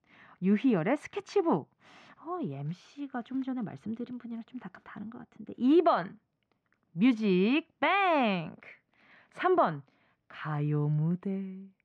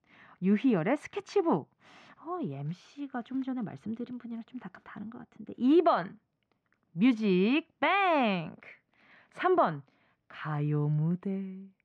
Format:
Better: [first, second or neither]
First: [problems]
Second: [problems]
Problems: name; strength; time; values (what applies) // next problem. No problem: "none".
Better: neither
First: muffled; slightly; fading above 2.5 kHz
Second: muffled; slightly; fading above 2.5 kHz